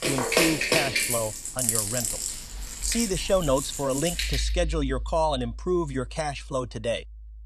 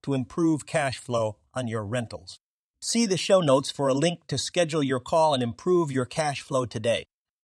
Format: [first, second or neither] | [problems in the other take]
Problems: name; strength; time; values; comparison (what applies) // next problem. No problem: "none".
second | background music; very loud; throughout; 2 dB above the speech